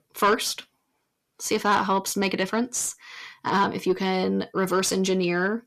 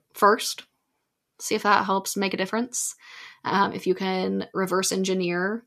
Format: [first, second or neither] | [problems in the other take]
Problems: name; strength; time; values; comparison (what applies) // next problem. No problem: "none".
second | distortion; slight; 10 dB below the speech